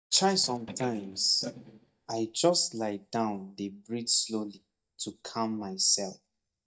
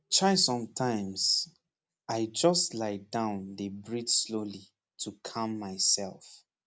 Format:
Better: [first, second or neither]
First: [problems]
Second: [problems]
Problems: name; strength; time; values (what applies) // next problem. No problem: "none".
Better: second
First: noise reduction (neural mask model DeepFilterNet 3)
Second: none